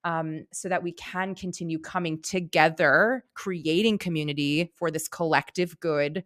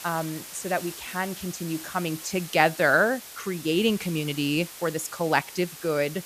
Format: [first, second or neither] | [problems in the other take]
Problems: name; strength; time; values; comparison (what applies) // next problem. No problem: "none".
first | hiss; noticeable; throughout; 15 dB below the speech